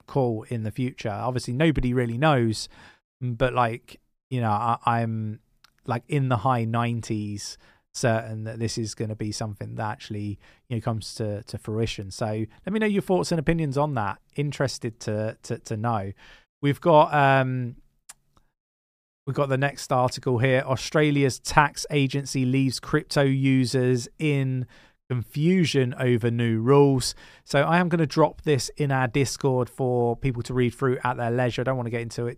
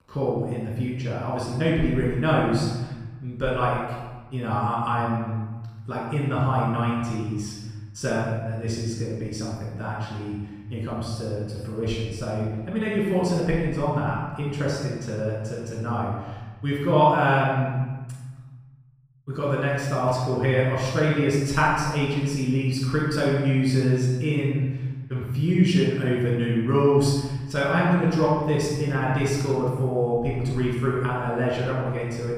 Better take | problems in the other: first | room echo; strong; dies away in 1.2 s // off-mic speech; far

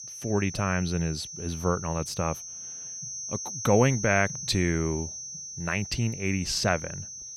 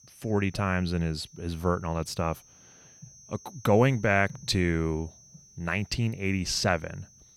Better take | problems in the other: second | high-pitched whine; loud; throughout; 6 kHz, 8 dB below the speech; faint in the second

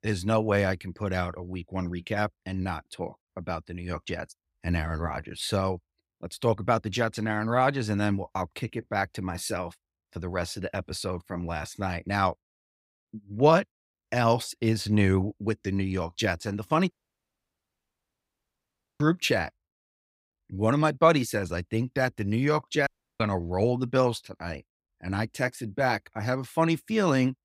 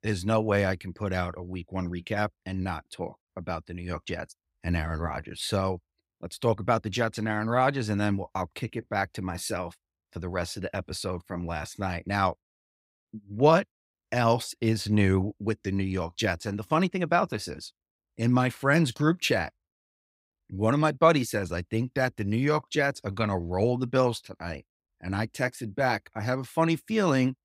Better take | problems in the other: second | audio cutting out; at 17 s for 2 s and at 23 s

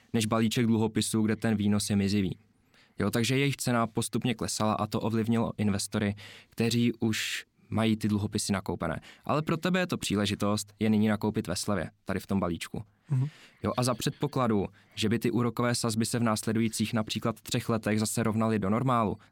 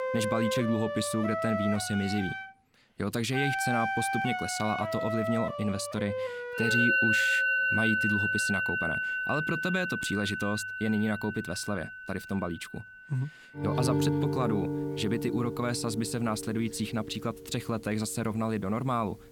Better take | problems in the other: first | background music; very loud; throughout; 2 dB above the speech

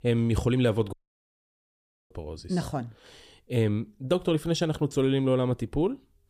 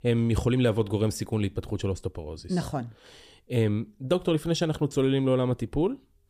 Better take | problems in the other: second | audio cutting out; at 1 s for 1 s

